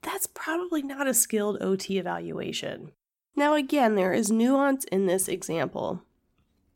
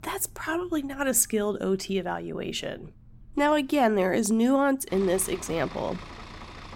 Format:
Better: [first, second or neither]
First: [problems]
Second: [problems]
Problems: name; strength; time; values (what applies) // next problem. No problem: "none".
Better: first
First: none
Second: traffic noise; faint; throughout; 20 dB below the speech